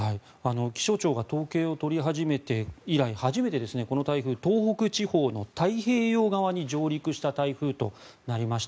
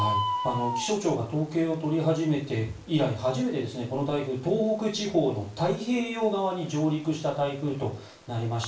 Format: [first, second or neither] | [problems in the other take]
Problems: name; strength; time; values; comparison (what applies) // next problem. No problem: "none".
first | background sound (Bird); 11 dB below the speech // room echo; dies away in 0.3 s